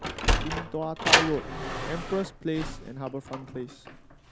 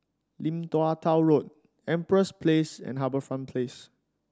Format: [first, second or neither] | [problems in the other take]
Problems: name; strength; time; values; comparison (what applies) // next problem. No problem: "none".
second | background sound (Sliding door); 4 dB above the speech